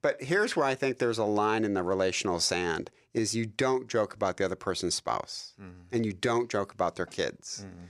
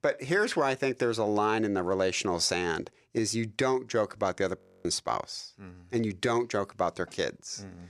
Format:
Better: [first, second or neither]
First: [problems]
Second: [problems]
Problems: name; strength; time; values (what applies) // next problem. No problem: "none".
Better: first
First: none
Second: audio freezing; at 4.5 s